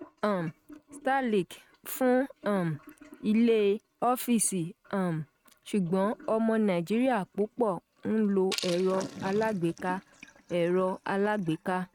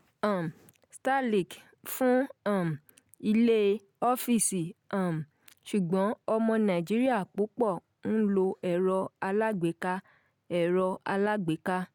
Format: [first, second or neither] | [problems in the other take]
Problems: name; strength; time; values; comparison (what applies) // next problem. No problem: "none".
second | noise reduction (neural mask model RNNoise)